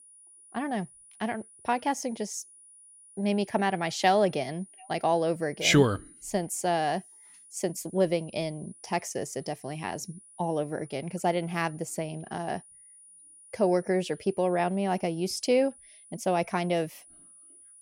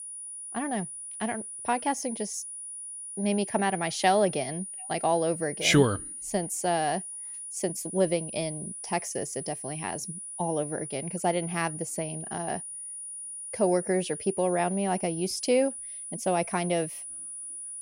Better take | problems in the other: first | high-pitched whine; loud; throughout; 9.5 kHz, 7 dB below the speech; faint in the first

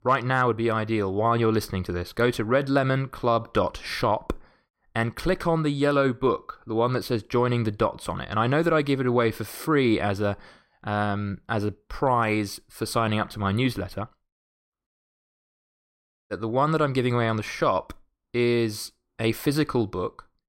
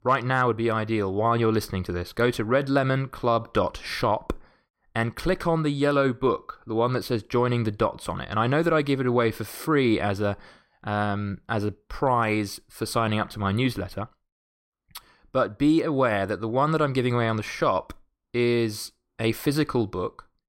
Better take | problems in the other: second | audio cutting out; at 15 s for 1.5 s

